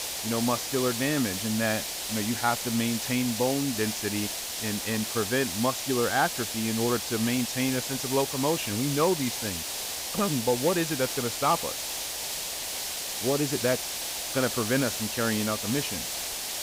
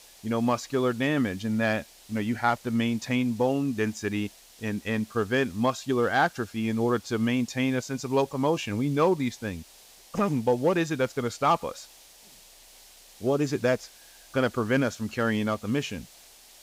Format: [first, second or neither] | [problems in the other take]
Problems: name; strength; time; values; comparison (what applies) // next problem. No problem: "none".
second | hiss; loud; throughout; 2 dB below the speech; faint in the second